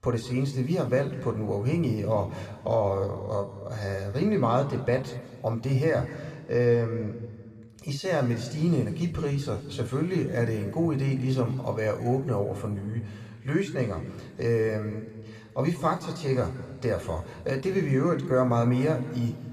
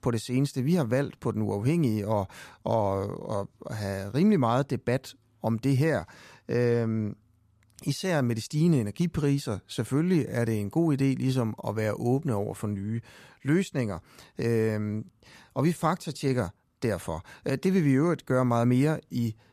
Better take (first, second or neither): second